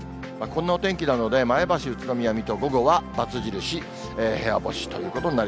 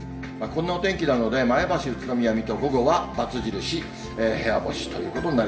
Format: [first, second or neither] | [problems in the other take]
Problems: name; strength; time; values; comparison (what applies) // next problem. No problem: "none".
first | room echo; dies away in 0.9 s